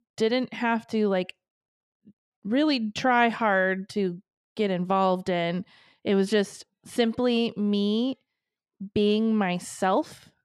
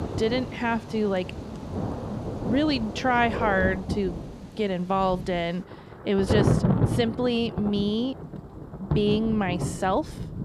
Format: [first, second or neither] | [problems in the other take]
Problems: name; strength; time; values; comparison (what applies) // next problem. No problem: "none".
first | rain or running water; loud; throughout; 4 dB below the speech